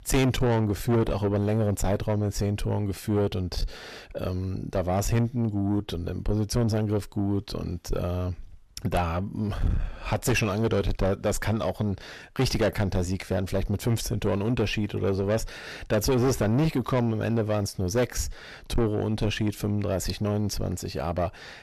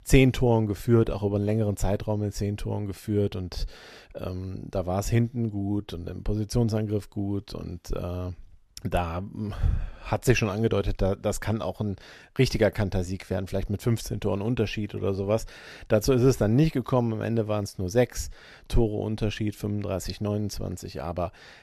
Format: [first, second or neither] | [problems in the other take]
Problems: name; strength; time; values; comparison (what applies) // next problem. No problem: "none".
second | distortion; heavy; 7 dB below the speech